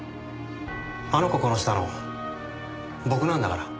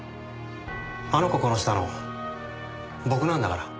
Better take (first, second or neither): second